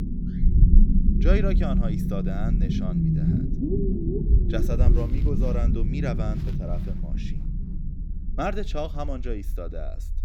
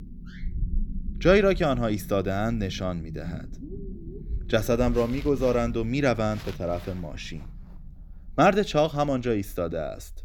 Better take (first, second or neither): second